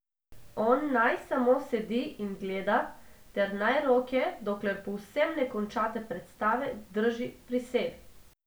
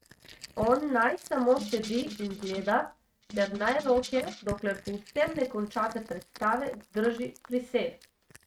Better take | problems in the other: first | noise reduction (neural mask model RNNoise)

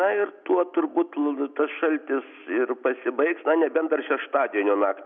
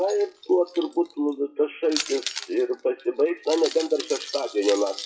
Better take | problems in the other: first | noise reduction (classical method WPE with log-MMSE)

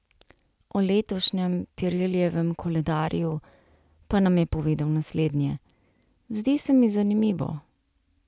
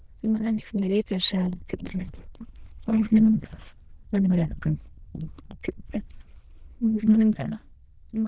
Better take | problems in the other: first | noise reduction (neural diffusion model UNIVERSE++)

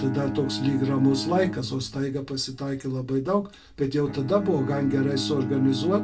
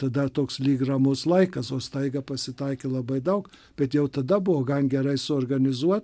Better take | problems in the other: second | background sound (Bowed string instrument); 8 dB below the speech // room echo; dies away in 0.2 s

